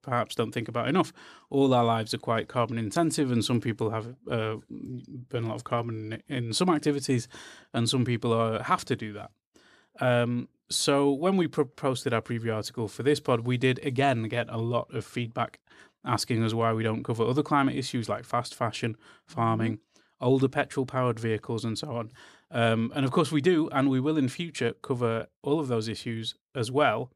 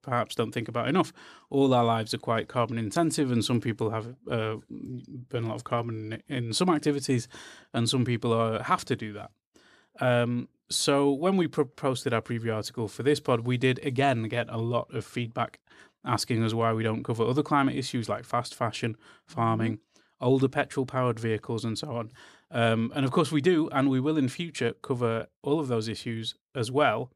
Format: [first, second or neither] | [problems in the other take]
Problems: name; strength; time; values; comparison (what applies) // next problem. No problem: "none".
neither | none